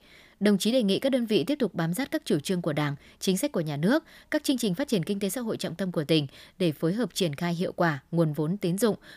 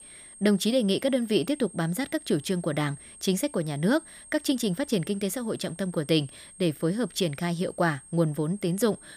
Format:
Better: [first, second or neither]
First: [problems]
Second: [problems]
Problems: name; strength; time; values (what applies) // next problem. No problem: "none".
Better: first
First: none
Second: high-pitched whine; noticeable; throughout; 8.5 kHz, 20 dB below the speech